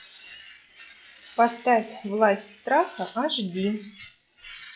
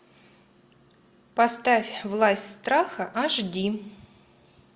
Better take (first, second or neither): second